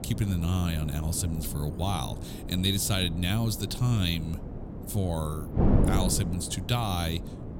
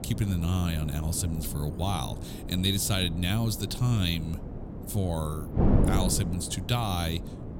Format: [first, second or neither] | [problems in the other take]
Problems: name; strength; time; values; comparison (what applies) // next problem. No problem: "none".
neither | wind noise on the microphone; heavy; 8 dB below the speech; the same in both